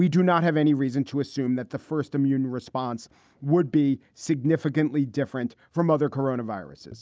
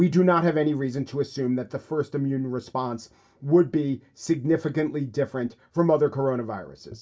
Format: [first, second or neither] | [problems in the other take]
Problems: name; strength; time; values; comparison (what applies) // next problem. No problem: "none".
first | room echo; dies away in 0.2 s